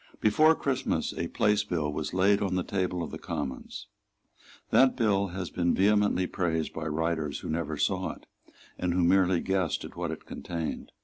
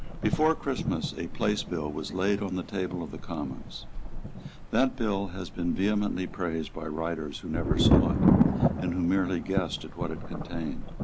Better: first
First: none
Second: background sound (Thunder); as loud as the speech

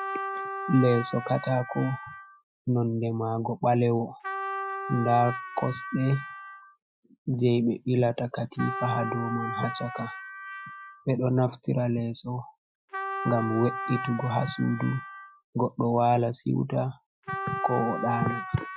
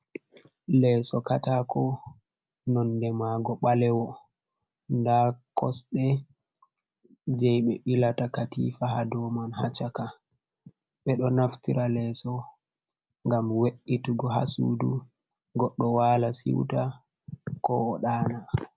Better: second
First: noise reduction (classical method Wiener filter)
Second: none

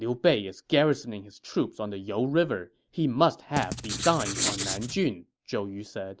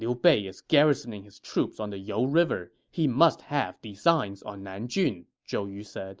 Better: second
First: background sound (Writing); 4 dB below the speech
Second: none

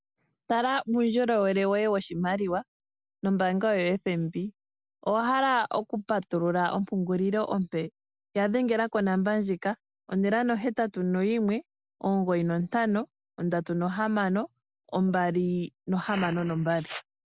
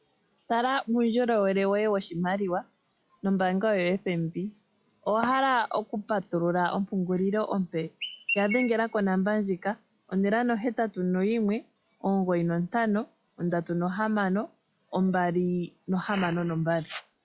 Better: first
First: none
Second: noise reduction (classical method log-MMSE)

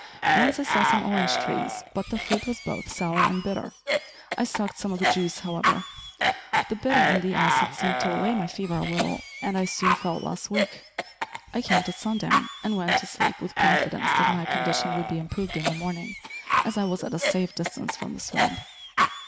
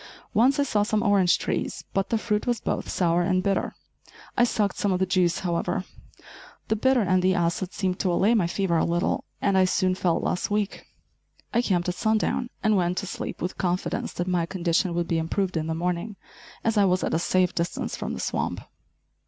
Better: second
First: background sound (Cough); 2 dB above the speech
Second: none

